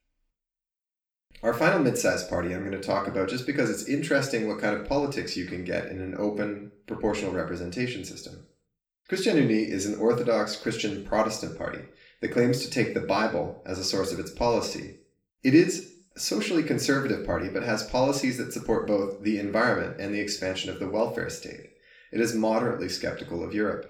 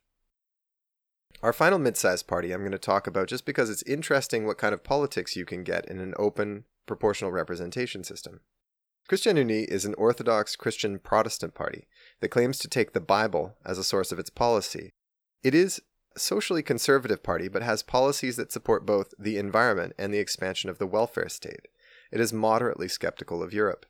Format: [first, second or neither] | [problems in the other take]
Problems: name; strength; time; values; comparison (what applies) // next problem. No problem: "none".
second | room echo; slight; dies away in 0.5 s // off-mic speech; somewhat distant